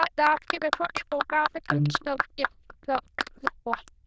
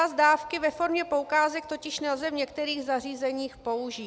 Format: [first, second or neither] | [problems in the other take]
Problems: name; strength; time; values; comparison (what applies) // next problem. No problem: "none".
second | noise reduction (neural diffusion model UNIVERSE++)